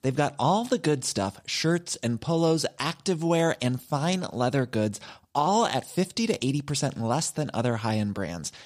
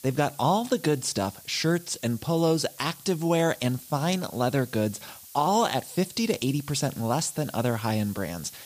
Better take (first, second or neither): first